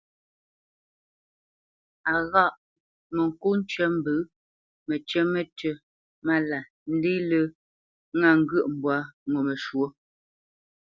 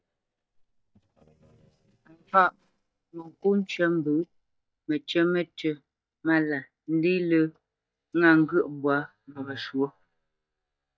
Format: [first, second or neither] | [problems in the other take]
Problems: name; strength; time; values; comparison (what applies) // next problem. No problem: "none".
first | noise reduction (neural mask model DeepFilterNet 3)